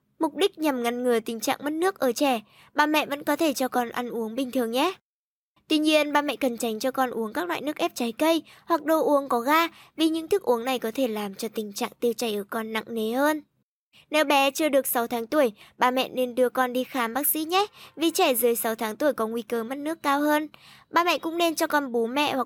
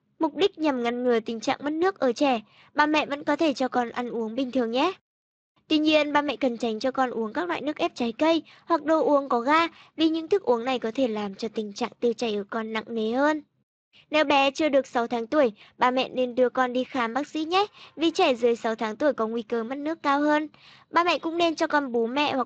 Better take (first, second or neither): first